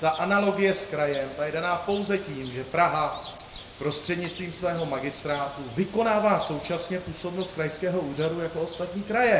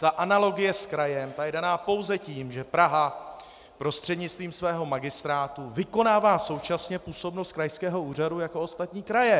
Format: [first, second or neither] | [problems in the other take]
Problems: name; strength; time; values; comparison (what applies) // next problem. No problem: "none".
second | background sound (Bird); 18 dB below the speech // room echo; dies away in 0.6 s